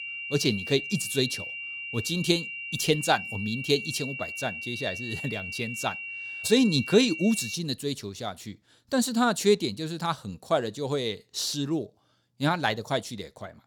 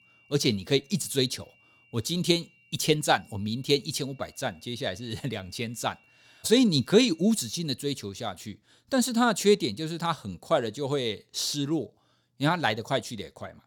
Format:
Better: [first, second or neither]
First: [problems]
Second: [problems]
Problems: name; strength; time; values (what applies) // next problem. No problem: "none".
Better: second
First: high-pitched whine; loud; until 7.5 s; 3 kHz, 7 dB below the speech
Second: high-pitched whine; faint; until 7.5 s; 3 kHz, 30 dB below the speech